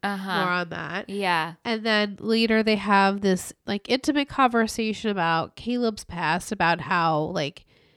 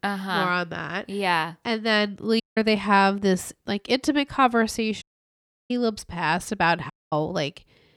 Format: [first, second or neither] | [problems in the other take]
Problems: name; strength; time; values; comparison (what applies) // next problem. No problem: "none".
first | audio cutting out; at 2.5 s, at 5 s for 0.5 s and at 7 s